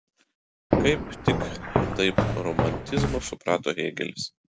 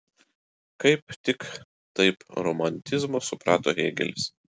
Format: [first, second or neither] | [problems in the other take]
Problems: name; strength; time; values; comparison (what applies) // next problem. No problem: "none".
second | background sound (Walk, footsteps); 2 dB above the speech